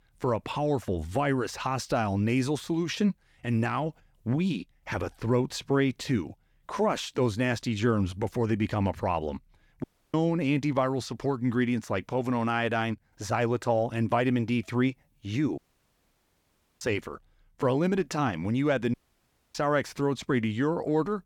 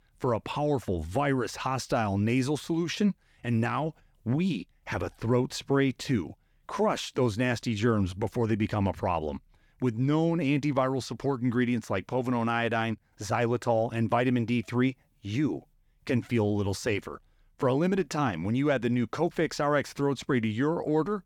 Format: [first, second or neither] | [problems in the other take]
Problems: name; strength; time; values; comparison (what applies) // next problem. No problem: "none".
second | audio cutting out; at 10 s, at 16 s for 1 s and at 19 s for 0.5 s